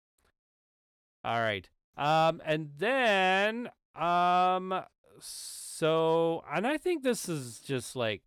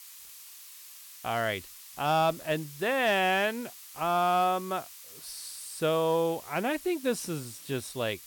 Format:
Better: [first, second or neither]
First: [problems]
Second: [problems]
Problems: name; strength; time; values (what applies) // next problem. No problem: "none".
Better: first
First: none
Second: hiss; noticeable; throughout; 15 dB below the speech